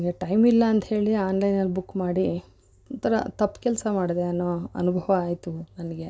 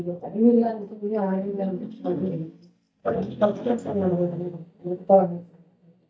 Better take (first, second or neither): first